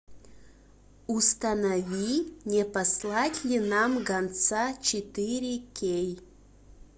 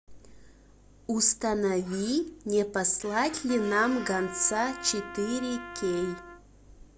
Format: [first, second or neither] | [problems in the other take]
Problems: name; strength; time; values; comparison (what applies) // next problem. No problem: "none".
first | background sound (Trumpet); 13 dB below the speech